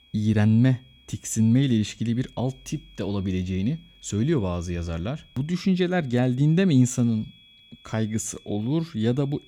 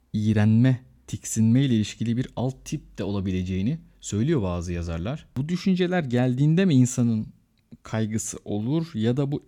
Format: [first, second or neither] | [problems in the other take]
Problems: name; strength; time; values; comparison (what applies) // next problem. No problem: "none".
second | high-pitched whine; faint; throughout; 3.5 kHz, 30 dB below the speech